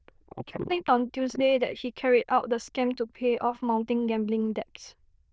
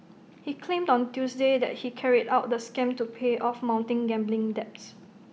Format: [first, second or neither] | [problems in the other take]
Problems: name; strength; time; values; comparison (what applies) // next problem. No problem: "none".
second | noise reduction (neural diffusion model UNIVERSE++)